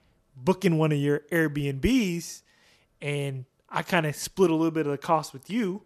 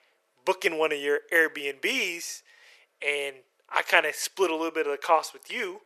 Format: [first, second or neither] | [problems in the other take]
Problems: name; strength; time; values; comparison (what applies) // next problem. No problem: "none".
first | thin; very; fading below 450 Hz